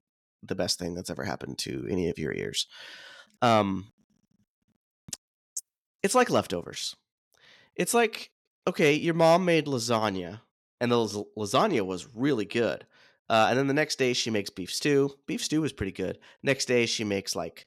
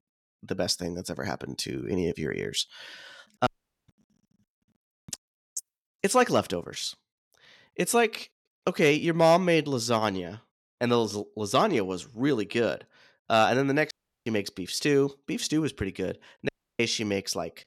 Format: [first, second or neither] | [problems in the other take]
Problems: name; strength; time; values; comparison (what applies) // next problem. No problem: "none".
first | audio cutting out; at 3.5 s, at 14 s and at 16 s